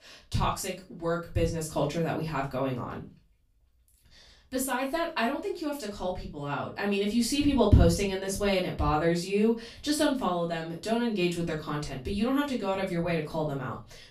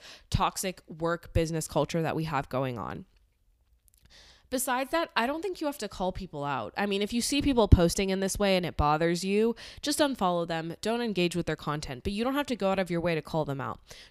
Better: second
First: off-mic speech; far // room echo; slight; dies away in 0.3 s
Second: none

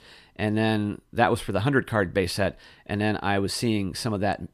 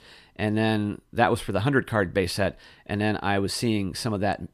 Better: neither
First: none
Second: none

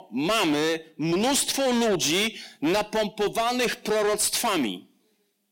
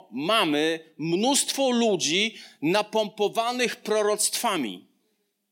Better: second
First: distortion; heavy; 19% of the sound clipped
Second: none

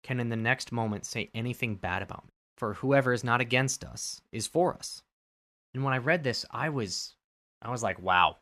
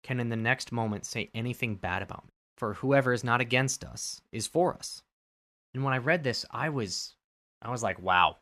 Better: neither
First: none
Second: none

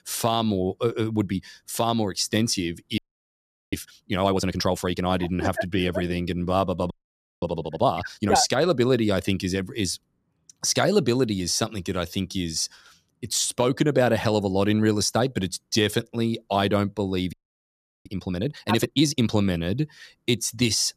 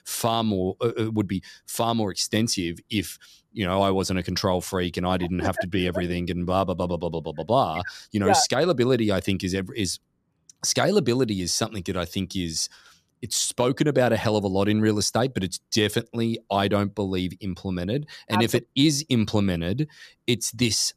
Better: second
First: audio freezing; at 3 s for 0.5 s, at 7 s for 0.5 s and at 17 s for 0.5 s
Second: none

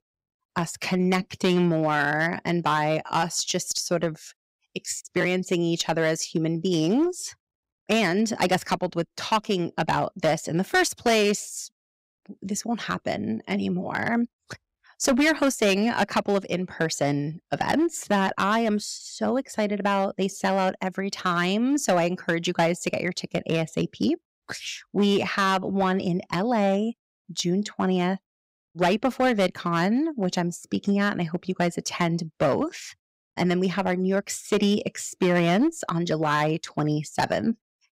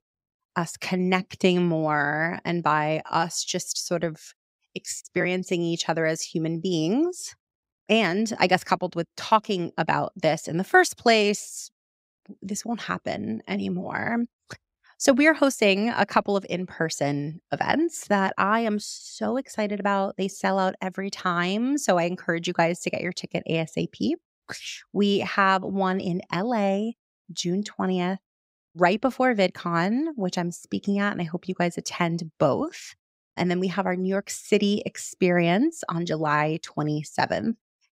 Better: second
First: distortion; slight; 4% of the sound clipped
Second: none

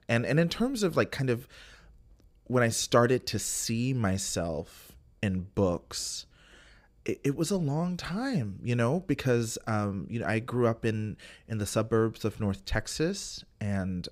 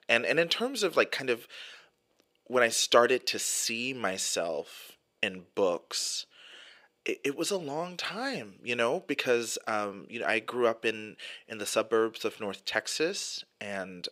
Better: first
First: none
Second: thin; somewhat; fading below 450 Hz

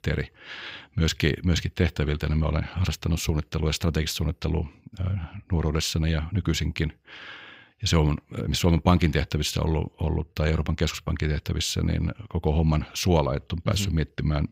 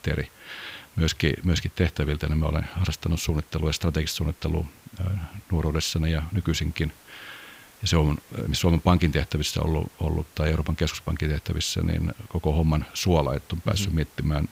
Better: first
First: none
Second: hiss; faint; throughout; 25 dB below the speech

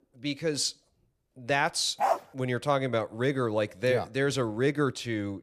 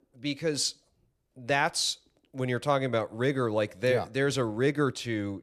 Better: second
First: dog barking; loud; at 2 s; peak level with the speech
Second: none

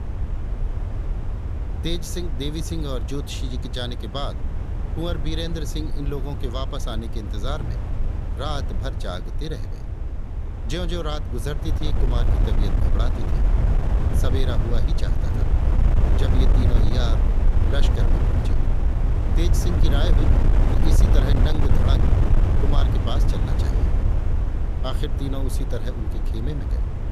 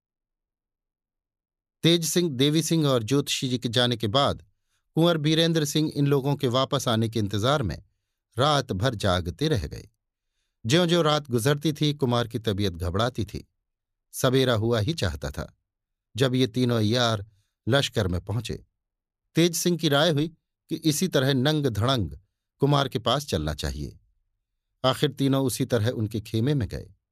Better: second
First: wind noise on the microphone; heavy; 2 dB below the speech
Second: none

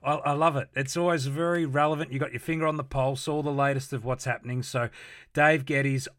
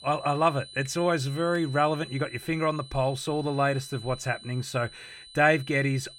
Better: first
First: none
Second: high-pitched whine; noticeable; throughout; 4 kHz, 15 dB below the speech

